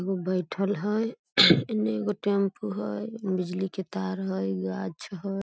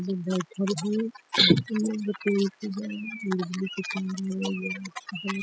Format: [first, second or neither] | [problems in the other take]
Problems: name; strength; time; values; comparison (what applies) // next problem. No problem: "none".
first | noise reduction (classical method spectral subtraction)